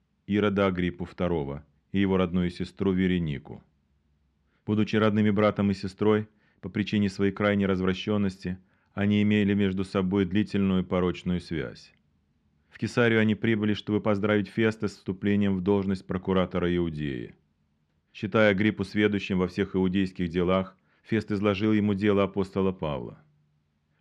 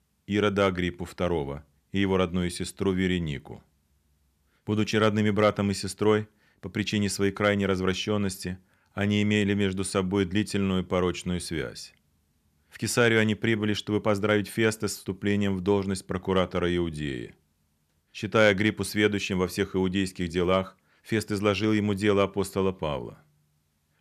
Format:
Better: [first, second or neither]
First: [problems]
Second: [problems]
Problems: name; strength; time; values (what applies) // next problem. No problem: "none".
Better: second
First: muffled; slightly; fading above 3.5 kHz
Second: none